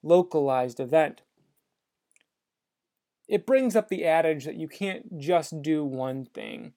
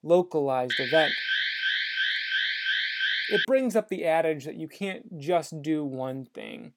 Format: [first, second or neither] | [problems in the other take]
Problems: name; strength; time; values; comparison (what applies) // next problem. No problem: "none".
first | alarm; loud; from 0.5 to 3.5 s; peak 3 dB above the speech